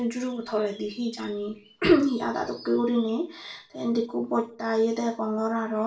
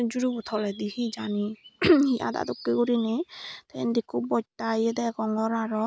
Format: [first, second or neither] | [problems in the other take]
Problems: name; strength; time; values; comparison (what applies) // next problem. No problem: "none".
second | room echo; dies away in 0.3 s